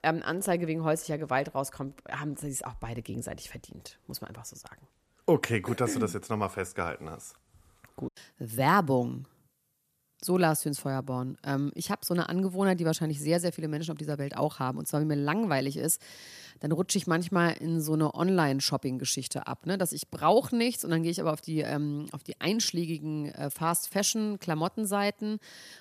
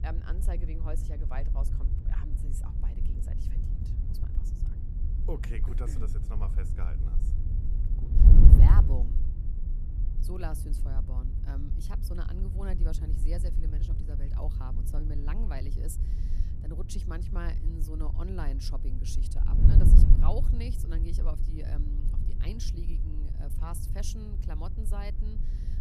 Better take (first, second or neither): first